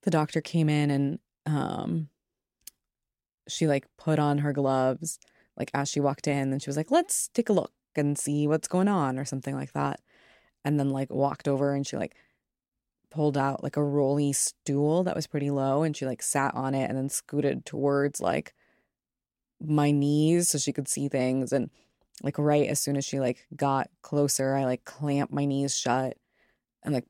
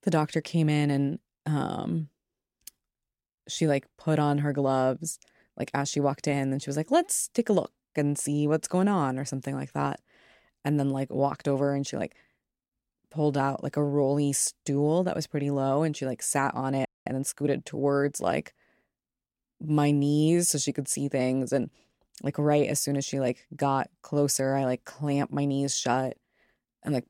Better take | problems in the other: first | audio freezing; at 17 s

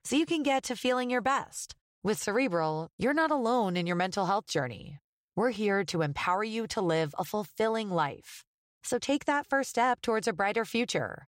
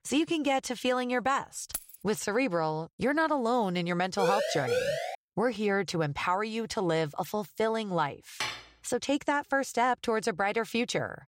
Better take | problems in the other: first | jangling keys; noticeable; at 1.5 s; peak 8 dB below the speech // siren; loud; at 4 s; peak level with the speech // clattering dishes; noticeable; at 8.5 s; peak 5 dB below the speech

